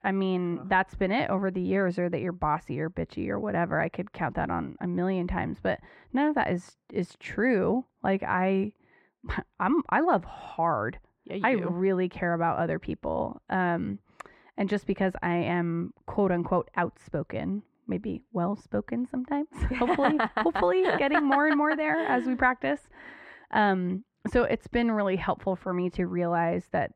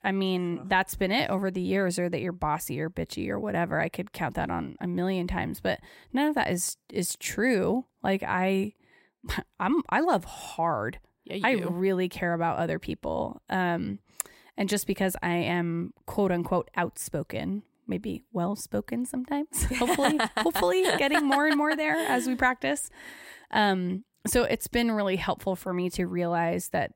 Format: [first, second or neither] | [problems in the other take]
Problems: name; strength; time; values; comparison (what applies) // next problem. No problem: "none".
second | muffled; very; fading above 2 kHz